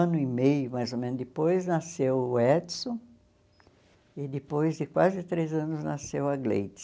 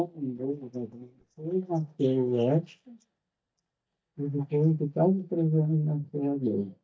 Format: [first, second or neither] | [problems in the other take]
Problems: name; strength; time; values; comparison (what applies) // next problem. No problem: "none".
first | noise reduction (neural mask model DeepFilterNet 3)